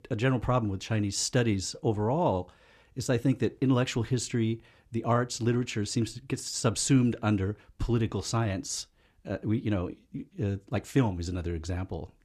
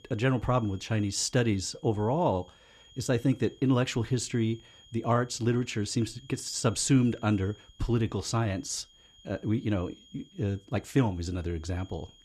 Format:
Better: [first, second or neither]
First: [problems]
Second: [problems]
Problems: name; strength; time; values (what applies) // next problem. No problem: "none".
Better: first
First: none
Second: high-pitched whine; faint; throughout; 3.5 kHz, 25 dB below the speech